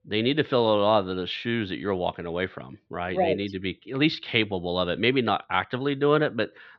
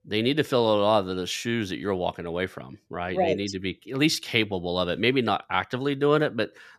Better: second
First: muffled; slightly; fading above 4 kHz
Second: none

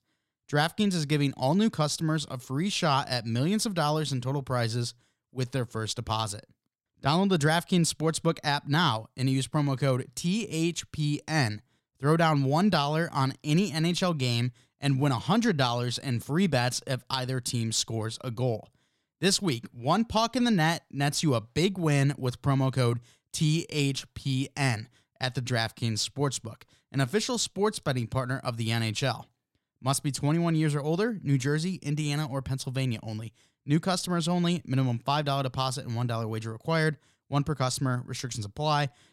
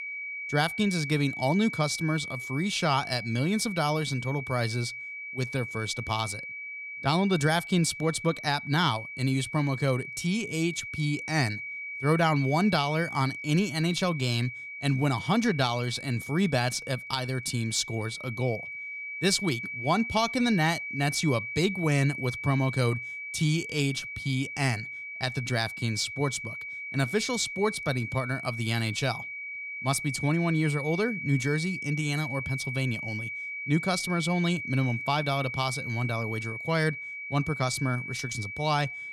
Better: first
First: none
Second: high-pitched whine; loud; throughout; 2.5 kHz, 7 dB below the speech

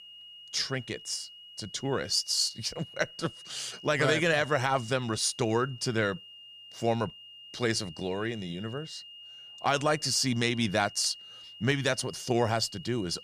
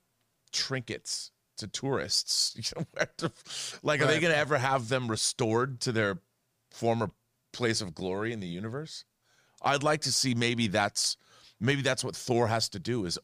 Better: second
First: high-pitched whine; noticeable; throughout; 3 kHz, 15 dB below the speech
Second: none

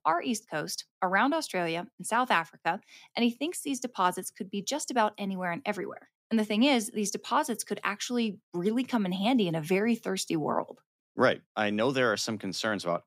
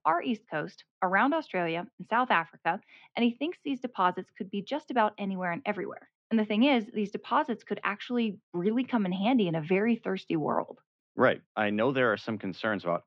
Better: first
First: none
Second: muffled; very; fading above 3 kHz

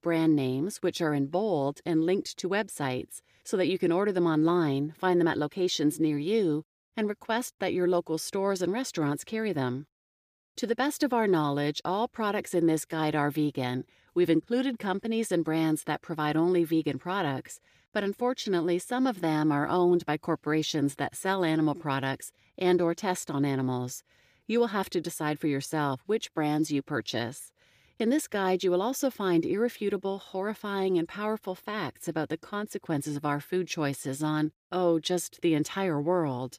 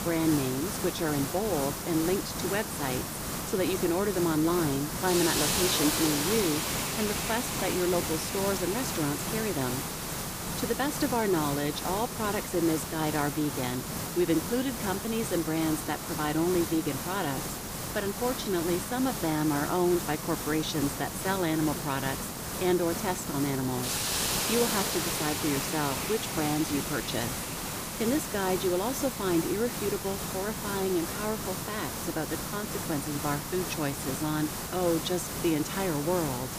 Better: first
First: none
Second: hiss; loud; throughout; 2 dB below the speech

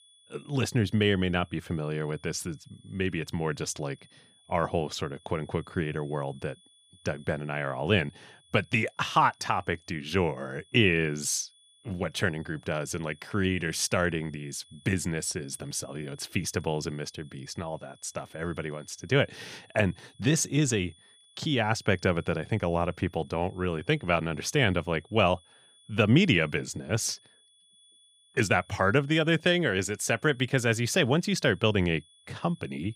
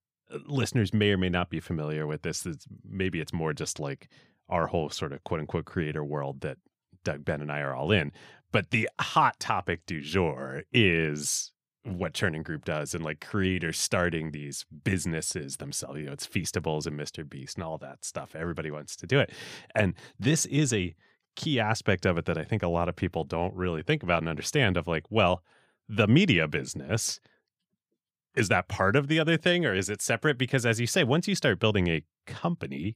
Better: second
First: high-pitched whine; faint; throughout; 3.5 kHz, 30 dB below the speech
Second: none

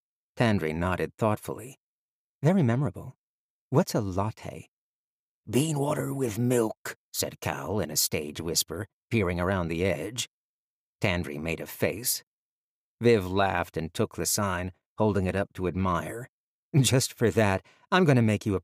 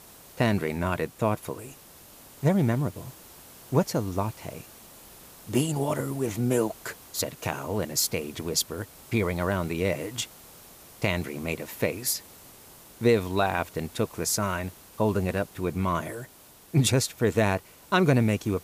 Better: first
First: none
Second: hiss; faint; throughout; 20 dB below the speech

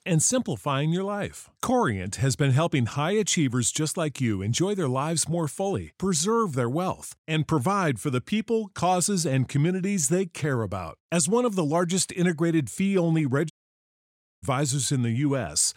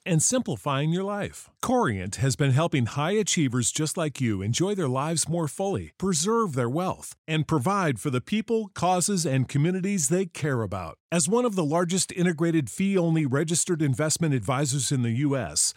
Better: second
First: audio cutting out; at 14 s for 1 s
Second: none

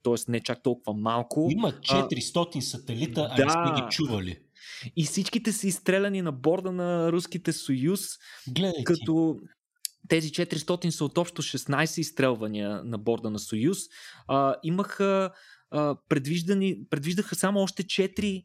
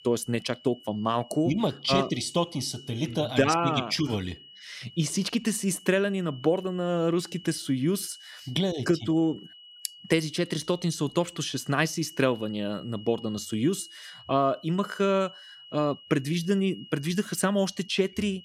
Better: first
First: none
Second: high-pitched whine; noticeable; throughout; 3 kHz, 20 dB below the speech

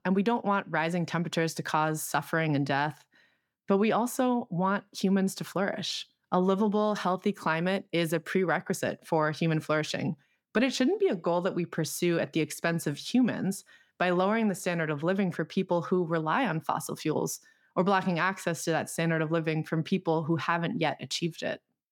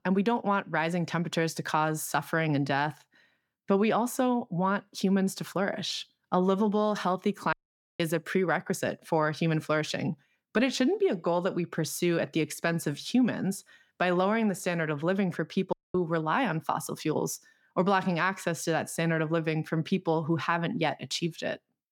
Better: first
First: none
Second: audio cutting out; at 7.5 s and at 16 s

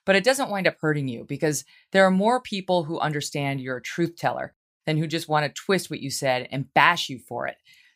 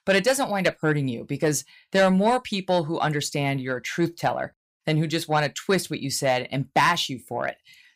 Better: first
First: none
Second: distortion; slight; 10 dB below the speech

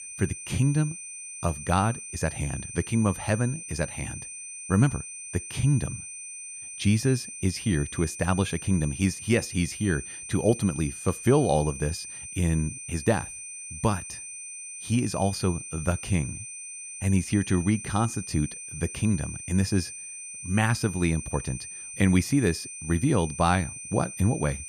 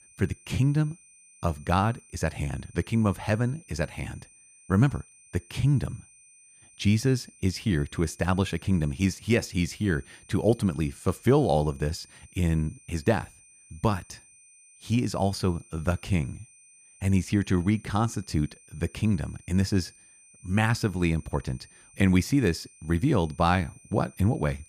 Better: second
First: high-pitched whine; loud; throughout; 9 kHz, 10 dB below the speech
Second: high-pitched whine; faint; throughout; 9 kHz, 25 dB below the speech

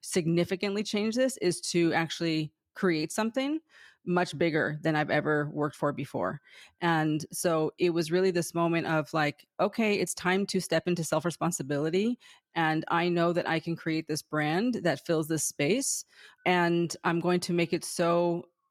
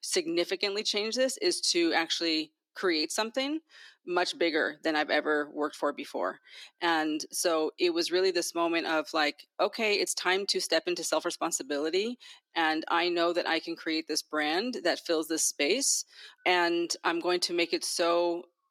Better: first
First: none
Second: thin; somewhat; fading below 300 Hz

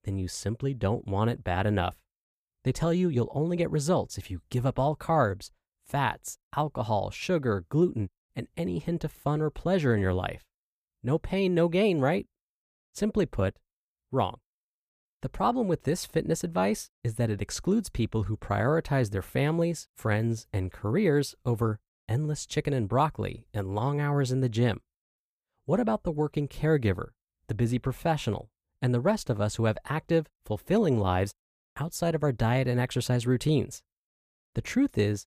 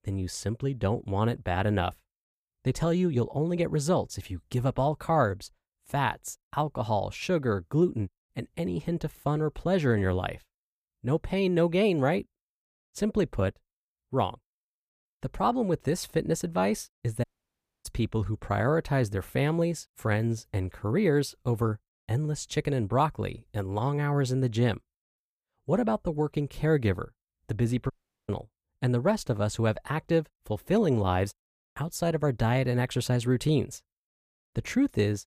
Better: first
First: none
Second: audio cutting out; at 17 s for 0.5 s and at 28 s

